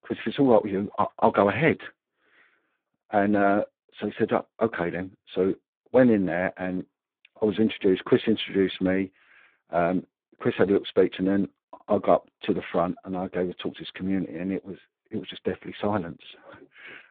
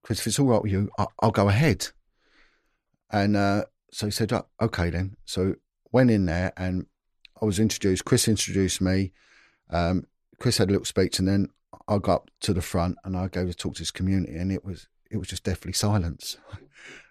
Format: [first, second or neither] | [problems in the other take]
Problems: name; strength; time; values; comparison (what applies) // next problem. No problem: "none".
second | phone-call audio; poor line; nothing above 3.5 kHz